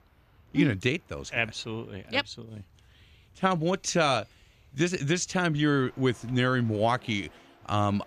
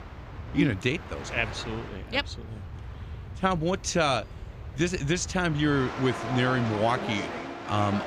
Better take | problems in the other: first | train or aircraft noise; loud; throughout; 10 dB below the speech; faint in the first

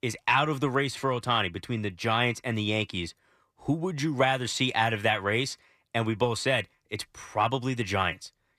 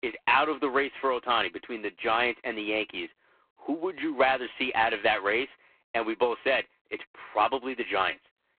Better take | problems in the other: first | phone-call audio; poor line

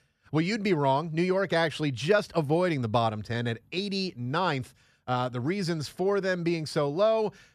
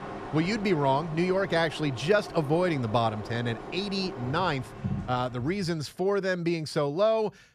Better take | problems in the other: first | train or aircraft noise; noticeable; until 5.5 s; 10 dB below the speech

